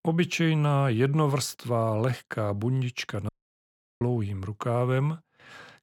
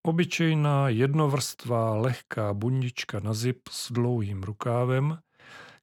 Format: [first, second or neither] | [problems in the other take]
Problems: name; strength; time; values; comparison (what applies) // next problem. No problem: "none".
second | audio cutting out; at 3.5 s for 0.5 s